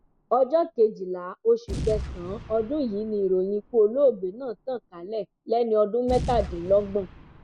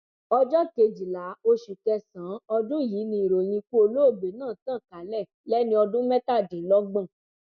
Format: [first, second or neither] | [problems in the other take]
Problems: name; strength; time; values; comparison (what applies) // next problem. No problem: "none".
second | background sound (Boom); 13 dB below the speech